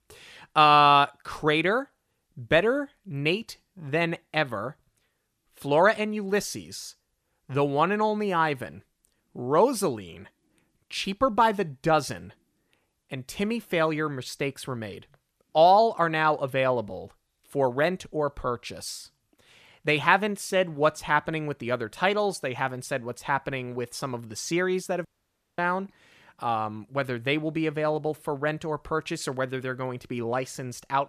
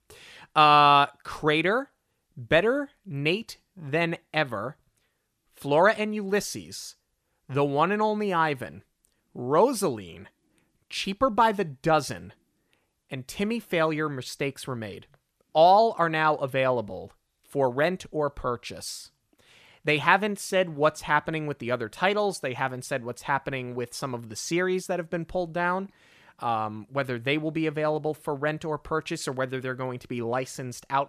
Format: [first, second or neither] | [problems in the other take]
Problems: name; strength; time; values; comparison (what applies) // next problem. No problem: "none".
second | audio cutting out; at 25 s for 0.5 s